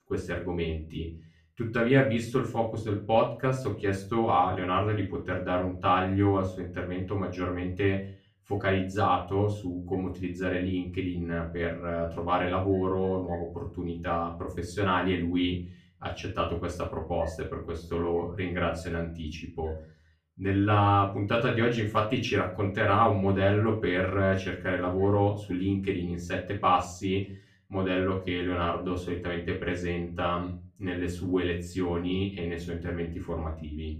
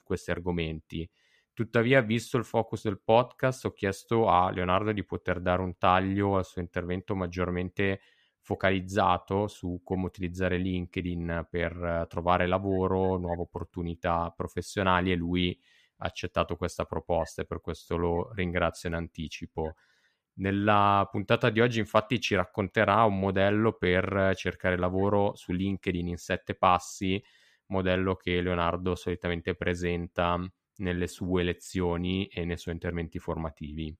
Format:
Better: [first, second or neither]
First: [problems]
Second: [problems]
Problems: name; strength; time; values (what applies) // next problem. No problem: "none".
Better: second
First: room echo; slight; dies away in 0.4 s // off-mic speech; far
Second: none